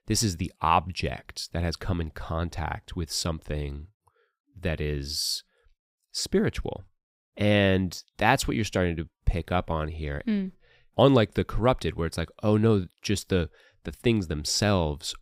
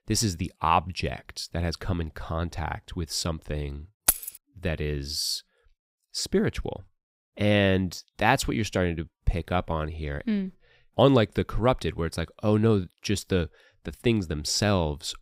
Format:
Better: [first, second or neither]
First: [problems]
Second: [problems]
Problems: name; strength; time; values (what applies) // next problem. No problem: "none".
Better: first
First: none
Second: jangling keys; loud; at 4 s; peak 3 dB above the speech